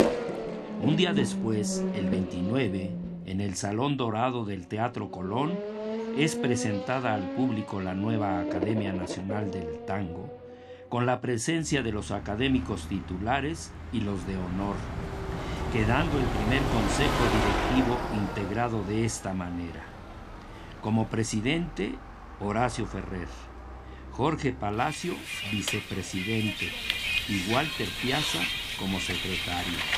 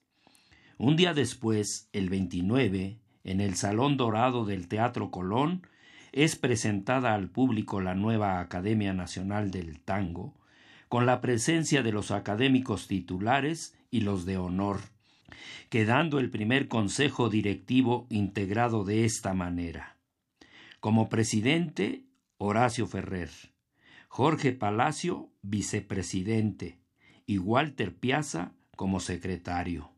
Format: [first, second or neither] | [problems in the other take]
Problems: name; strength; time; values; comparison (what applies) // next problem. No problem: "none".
second | traffic noise; loud; throughout; 2 dB below the speech